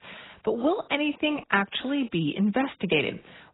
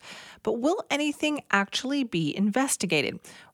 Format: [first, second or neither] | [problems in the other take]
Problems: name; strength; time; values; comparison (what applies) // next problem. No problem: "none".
second | garbled, watery; badly; nothing above 3.5 kHz